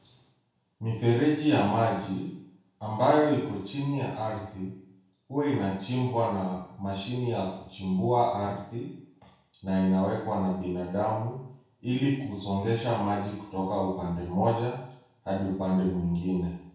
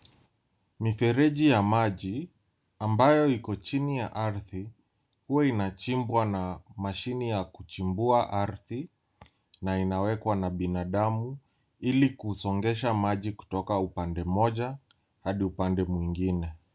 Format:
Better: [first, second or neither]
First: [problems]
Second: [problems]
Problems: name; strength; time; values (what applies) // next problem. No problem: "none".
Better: second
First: room echo; dies away in 0.7 s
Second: none